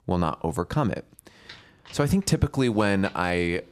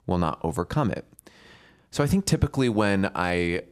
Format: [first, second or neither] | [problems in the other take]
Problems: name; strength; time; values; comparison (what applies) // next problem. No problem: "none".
second | household noises; faint; from 1 s on; 25 dB below the speech